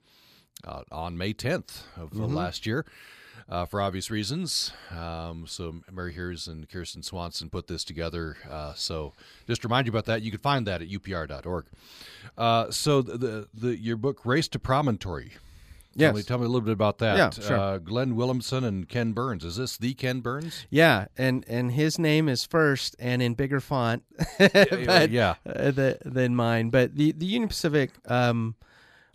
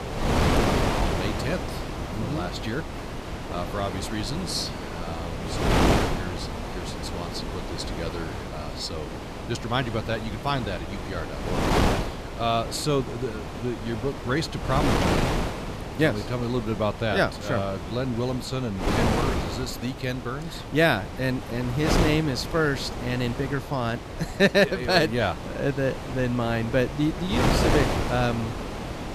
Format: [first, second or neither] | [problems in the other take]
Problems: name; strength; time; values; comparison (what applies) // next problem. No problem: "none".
first | wind noise on the microphone; heavy; 3 dB below the speech